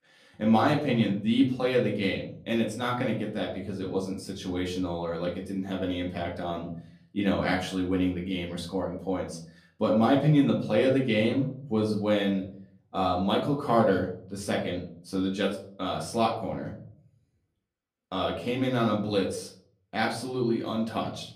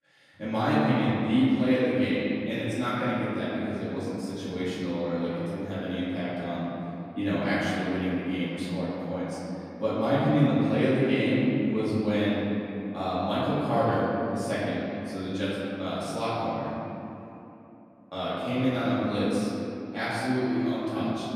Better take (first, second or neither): first